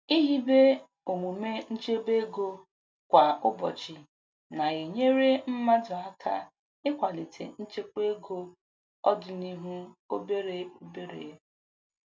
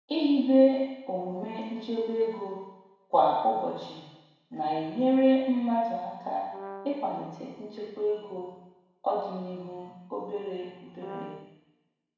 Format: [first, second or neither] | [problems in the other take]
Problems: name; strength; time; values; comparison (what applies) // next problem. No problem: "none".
first | background sound (Brass instrument); 14 dB below the speech // room echo; dies away in 1.1 s